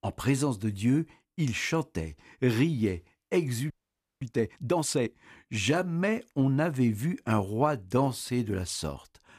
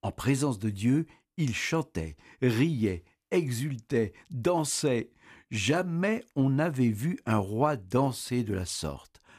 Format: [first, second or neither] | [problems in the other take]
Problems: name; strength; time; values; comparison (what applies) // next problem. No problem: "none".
second | audio freezing; at 3.5 s for 0.5 s